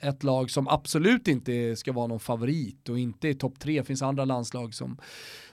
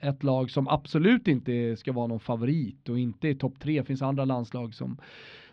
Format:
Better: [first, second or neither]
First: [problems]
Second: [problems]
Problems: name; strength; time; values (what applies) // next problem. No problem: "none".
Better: first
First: none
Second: muffled; slightly; fading above 3.5 kHz